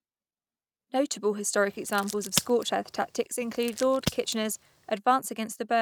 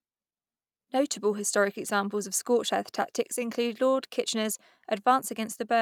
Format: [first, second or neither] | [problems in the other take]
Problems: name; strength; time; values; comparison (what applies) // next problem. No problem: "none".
second | noise reduction (neural mask model RNNoise)